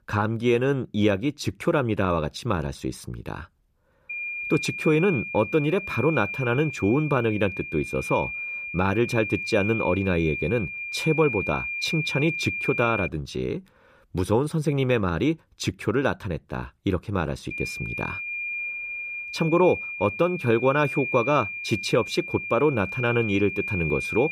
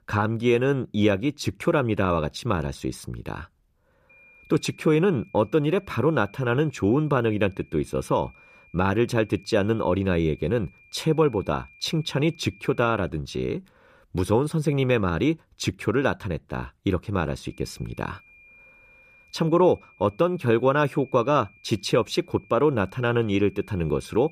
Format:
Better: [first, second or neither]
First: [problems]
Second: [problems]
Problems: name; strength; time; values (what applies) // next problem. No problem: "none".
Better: second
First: high-pitched whine; loud; from 4 to 13 s and from 18 s on; 2.5 kHz, 5 dB below the speech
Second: high-pitched whine; faint; from 4 to 13 s and from 18 s on; 2.5 kHz, 30 dB below the speech